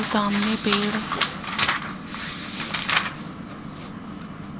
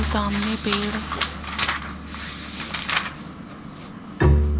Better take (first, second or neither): first